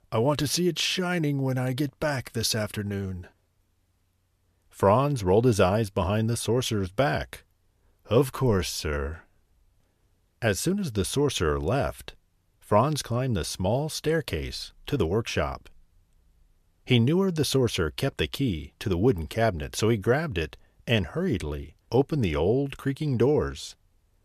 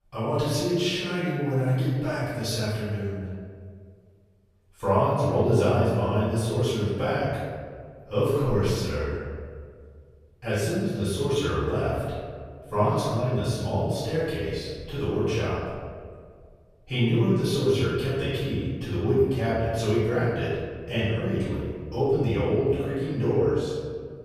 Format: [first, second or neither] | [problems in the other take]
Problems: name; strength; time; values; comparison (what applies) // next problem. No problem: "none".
first | off-mic speech; far // room echo; strong; dies away in 1.7 s